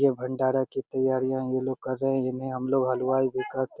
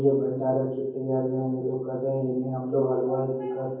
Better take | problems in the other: first | room echo; dies away in 0.9 s

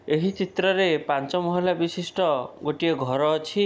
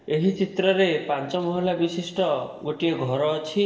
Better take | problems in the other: first | room echo; dies away in 1.1 s

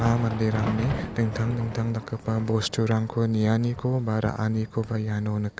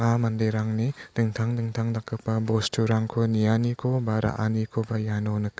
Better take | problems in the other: second | background sound (Thunder); 11 dB below the speech

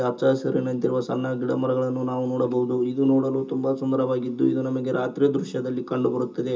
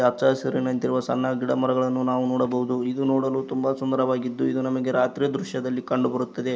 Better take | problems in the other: second | room echo; dies away in 0.2 s

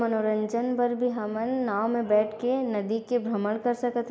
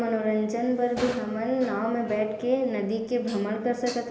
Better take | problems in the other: first | background sound (Dishes, pots, and pans); 16 dB below the speech // room echo; dies away in 0.8 s

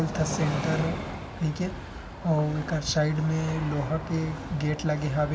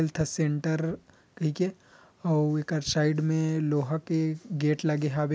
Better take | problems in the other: second | background sound (Train); 7 dB below the speech // room echo; dies away in 0.7 s

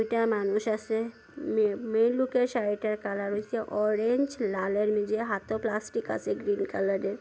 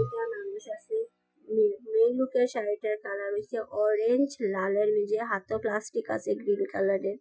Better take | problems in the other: first | noise reduction (classical method Wiener filter)

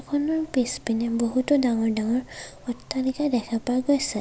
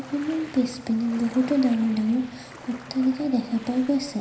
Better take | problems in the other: first | background sound (Ocean); 19 dB below the speech // room echo; dies away in 0.9 s

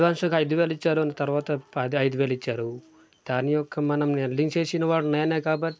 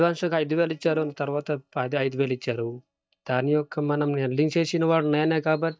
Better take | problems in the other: first | noise reduction (neural mask model DeepFilterNet 3)

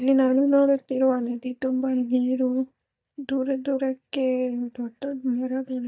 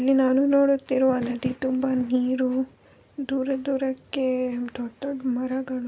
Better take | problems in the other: second | noise reduction (neural mask model DeepFilterNet 3)

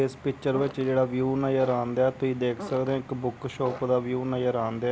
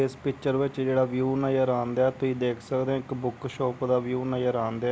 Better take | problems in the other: second | background sound (Fart); 16 dB below the speech

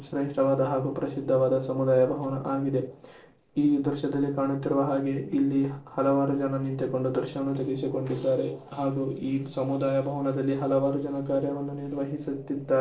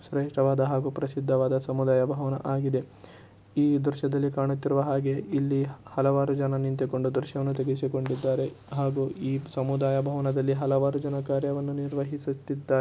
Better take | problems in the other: second | noise reduction (neural separator model SepFormer DNS4)

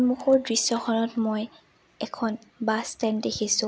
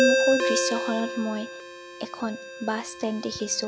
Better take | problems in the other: first | background sound (Ringtone); 1 dB above the speech

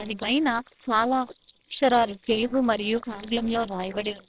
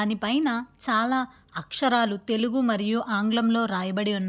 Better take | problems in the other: second | noise reduction (neural separator model SepFormer WHAMR!)

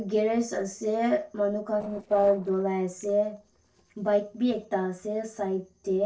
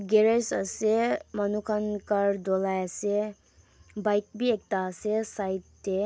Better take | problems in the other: second | noise reduction (neural separator model SepFormer DNS4)

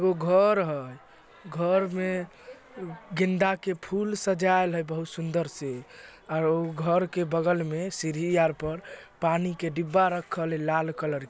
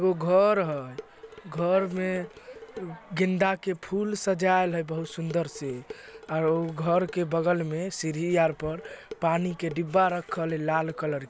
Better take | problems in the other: first | background sound (Dishes, pots, and pans); 19 dB below the speech

